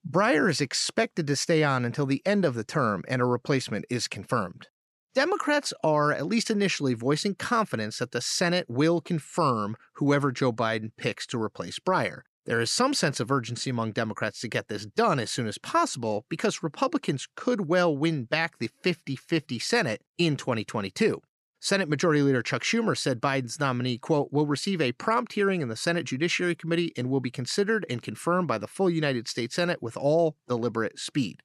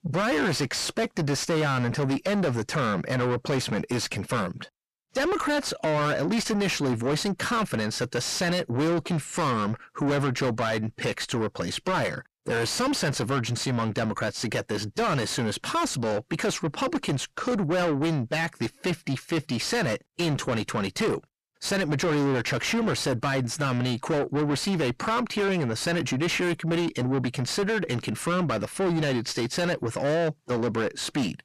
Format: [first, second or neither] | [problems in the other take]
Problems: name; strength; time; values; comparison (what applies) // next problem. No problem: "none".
first | distortion; heavy; 6 dB below the speech